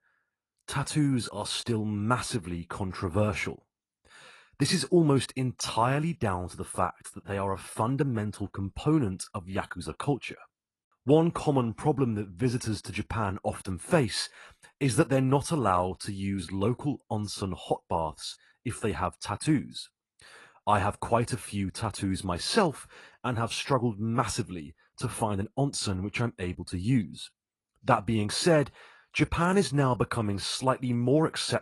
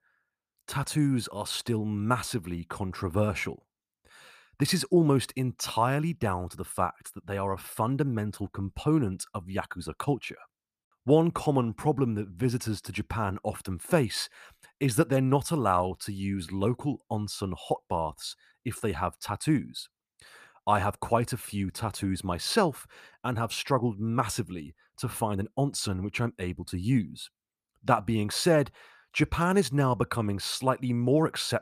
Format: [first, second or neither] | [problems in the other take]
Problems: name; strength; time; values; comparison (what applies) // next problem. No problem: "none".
second | garbled, watery; slightly; nothing above 11 kHz